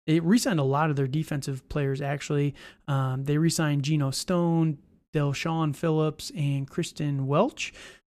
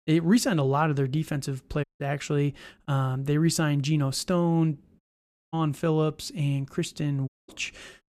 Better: first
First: none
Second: audio cutting out; at 2 s, at 5 s for 0.5 s and at 7.5 s

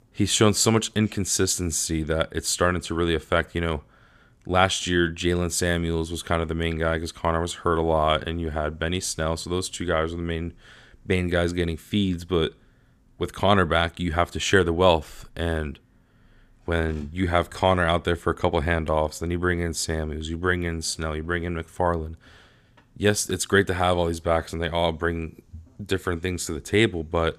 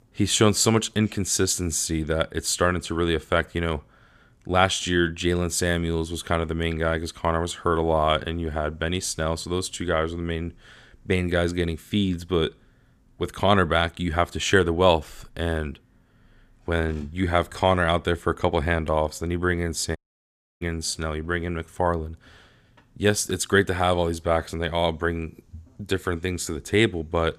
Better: first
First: none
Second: audio cutting out; at 20 s for 0.5 s

